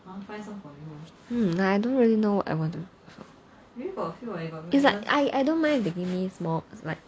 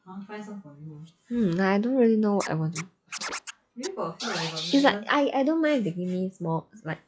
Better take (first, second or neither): first